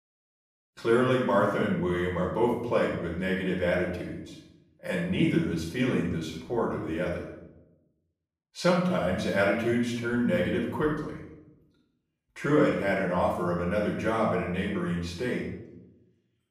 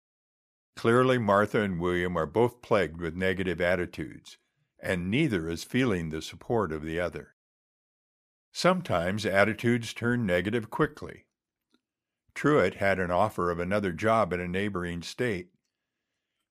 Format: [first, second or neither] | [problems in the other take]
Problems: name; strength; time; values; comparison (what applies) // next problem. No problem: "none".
second | off-mic speech; far // room echo; noticeable; dies away in 0.7 s